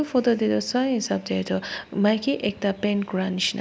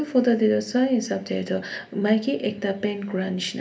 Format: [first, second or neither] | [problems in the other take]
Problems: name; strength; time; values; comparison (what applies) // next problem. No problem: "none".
first | room echo; dies away in 0.3 s